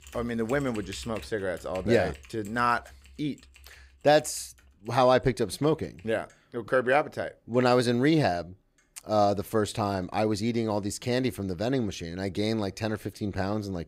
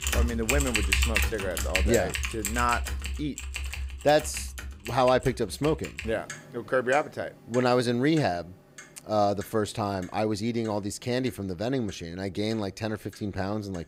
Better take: first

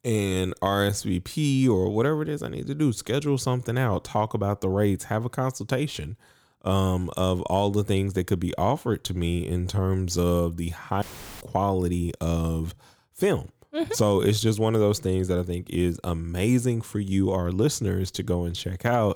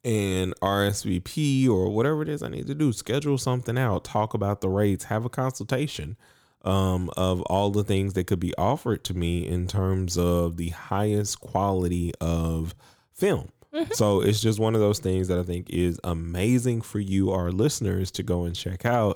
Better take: second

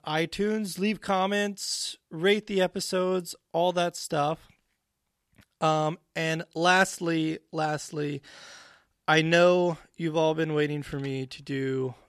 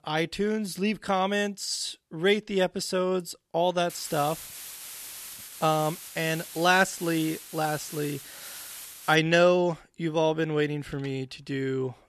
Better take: first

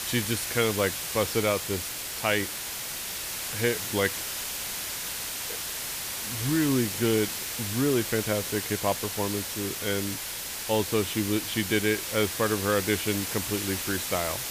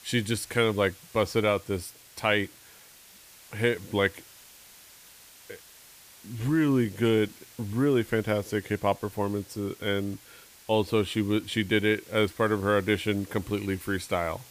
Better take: second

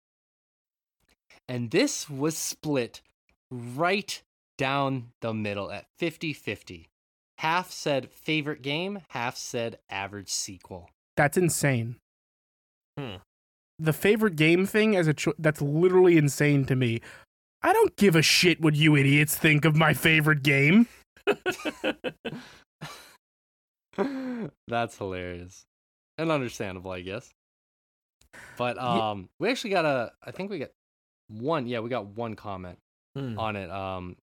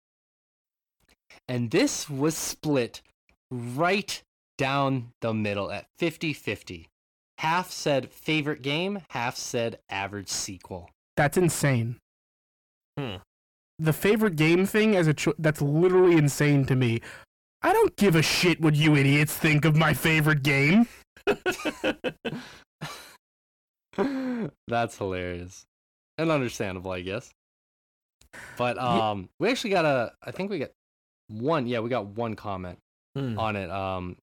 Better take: first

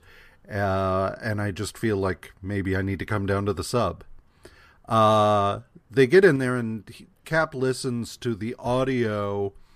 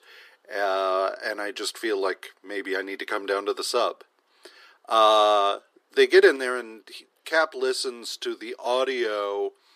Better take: first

